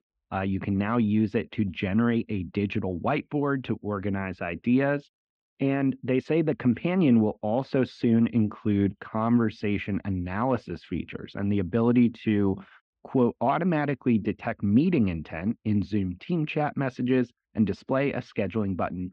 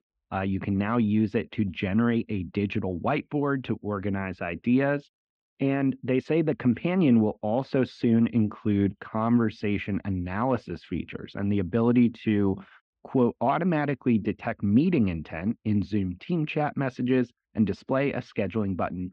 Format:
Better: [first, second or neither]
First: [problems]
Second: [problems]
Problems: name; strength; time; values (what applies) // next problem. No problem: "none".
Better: neither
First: muffled; very; fading above 3 kHz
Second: muffled; very; fading above 3 kHz